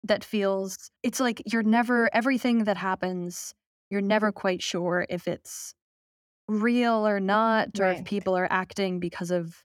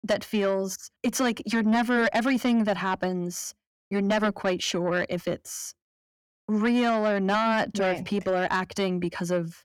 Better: first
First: none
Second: distortion; slight; 10 dB below the speech

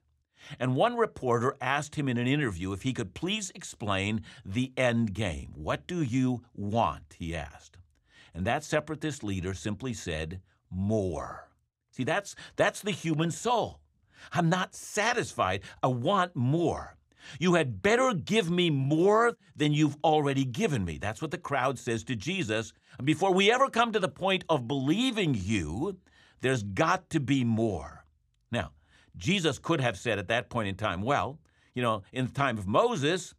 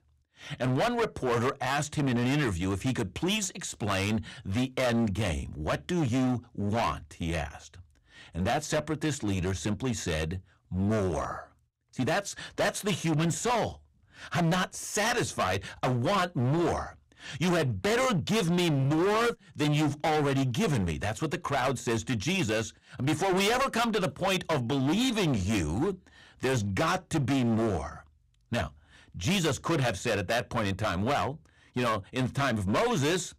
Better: first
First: none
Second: distortion; heavy; 19% of the sound clipped

